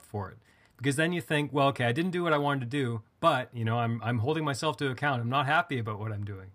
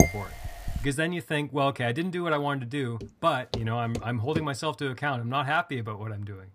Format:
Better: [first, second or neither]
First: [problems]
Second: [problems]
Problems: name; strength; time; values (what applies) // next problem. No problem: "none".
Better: first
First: none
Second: clattering dishes; loud; at the start; peak 5 dB above the speech // footsteps; noticeable; from 3 to 4.5 s; peak 8 dB below the speech